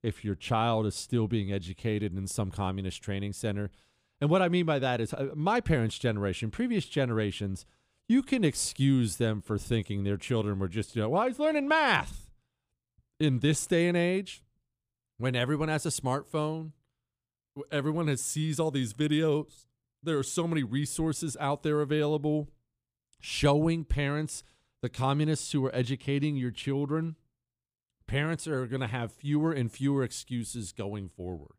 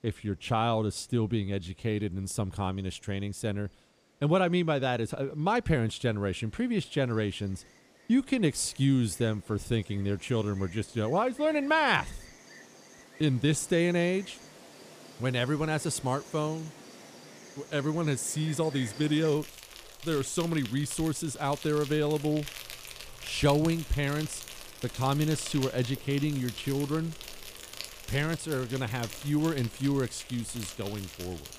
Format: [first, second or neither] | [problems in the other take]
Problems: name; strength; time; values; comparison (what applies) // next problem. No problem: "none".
first | animal sounds; noticeable; throughout; 15 dB below the speech